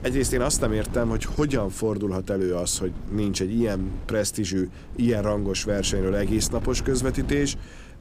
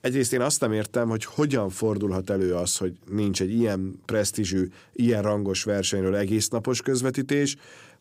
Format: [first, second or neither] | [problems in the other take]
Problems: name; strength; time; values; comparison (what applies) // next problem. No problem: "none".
second | wind noise on the microphone; occasional gusts; 15 dB below the speech